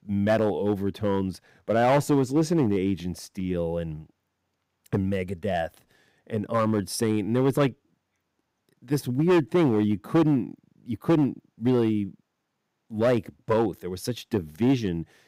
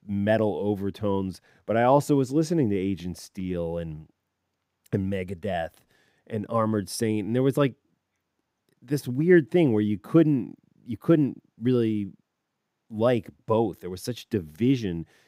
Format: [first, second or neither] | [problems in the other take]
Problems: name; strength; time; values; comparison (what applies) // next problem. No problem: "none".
second | distortion; slight; 4% of the sound clipped